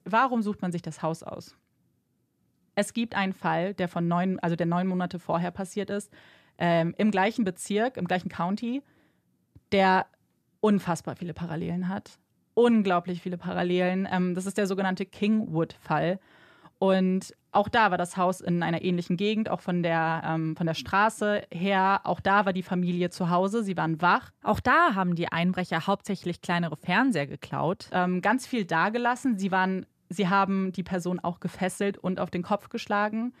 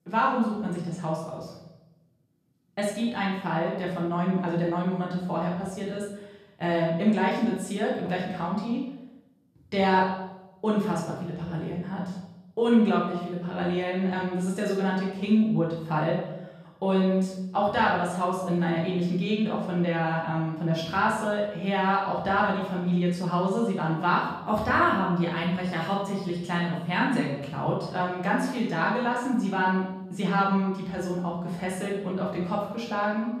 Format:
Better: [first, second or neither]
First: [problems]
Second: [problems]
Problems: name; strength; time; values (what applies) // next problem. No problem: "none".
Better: first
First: none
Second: room echo; noticeable; dies away in 0.8 s // off-mic speech; far